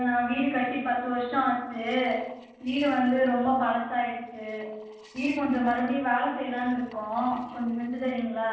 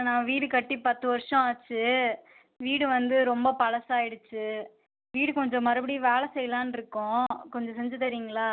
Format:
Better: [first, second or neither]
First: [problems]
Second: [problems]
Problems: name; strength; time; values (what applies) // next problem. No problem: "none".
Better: second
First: noise reduction (neural separator model SepFormer DNS4)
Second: none